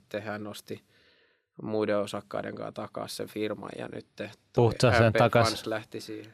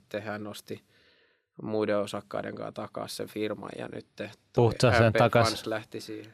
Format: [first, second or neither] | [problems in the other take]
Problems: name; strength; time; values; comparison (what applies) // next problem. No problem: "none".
neither | none